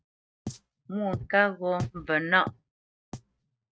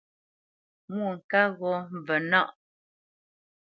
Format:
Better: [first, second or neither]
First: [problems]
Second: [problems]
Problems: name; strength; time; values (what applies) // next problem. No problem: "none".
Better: second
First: noise reduction (neural mask model RNNoise)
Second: none